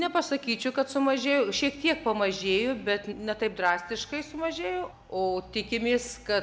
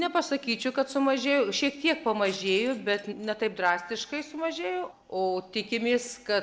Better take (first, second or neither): first